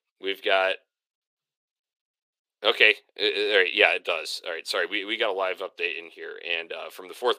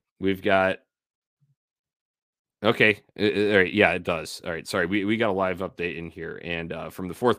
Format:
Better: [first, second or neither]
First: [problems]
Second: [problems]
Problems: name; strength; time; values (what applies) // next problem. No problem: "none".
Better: second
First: thin; very; fading below 450 Hz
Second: none